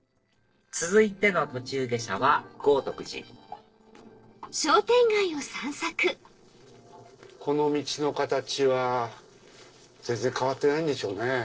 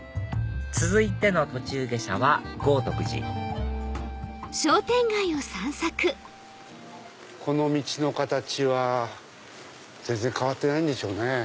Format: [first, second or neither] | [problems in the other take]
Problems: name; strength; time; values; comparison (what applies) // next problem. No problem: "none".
second | noise reduction (neural separator model SepFormer DNS4)